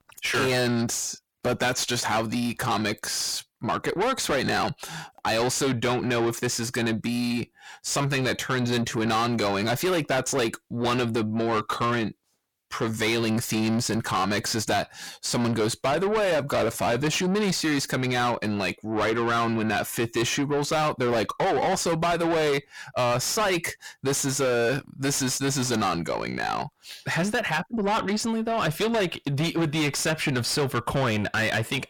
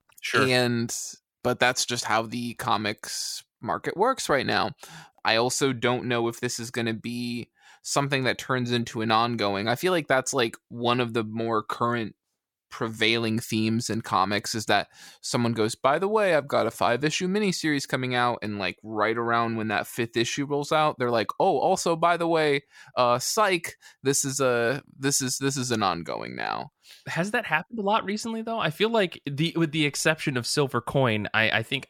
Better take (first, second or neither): second